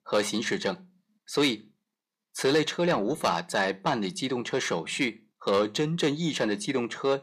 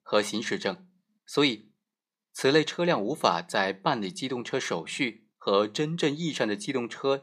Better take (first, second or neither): second